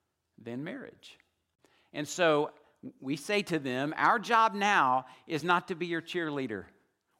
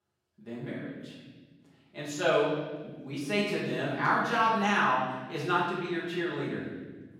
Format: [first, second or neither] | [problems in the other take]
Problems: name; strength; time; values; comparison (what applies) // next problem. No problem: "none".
first | off-mic speech; far // room echo; noticeable; dies away in 1.4 s